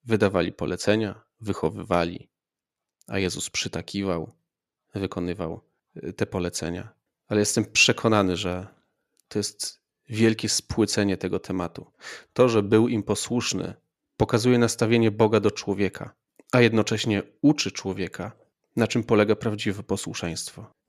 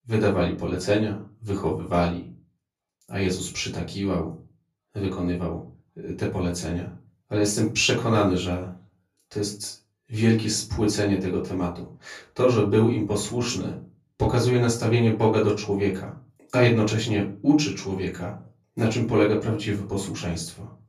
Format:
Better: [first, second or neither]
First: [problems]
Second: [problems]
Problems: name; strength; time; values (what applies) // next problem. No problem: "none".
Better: first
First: none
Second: off-mic speech; far // room echo; slight; dies away in 0.3 s